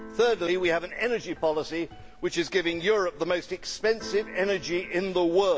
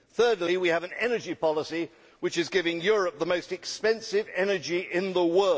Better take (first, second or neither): second